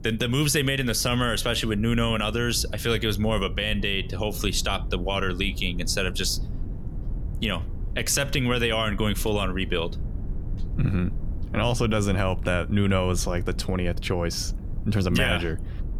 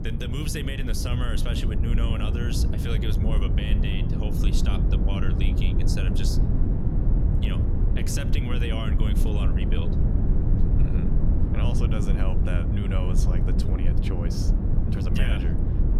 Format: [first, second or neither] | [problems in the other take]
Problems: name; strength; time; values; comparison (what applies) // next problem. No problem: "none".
first | low rumble; loud; throughout; 1 dB below the speech; faint in the first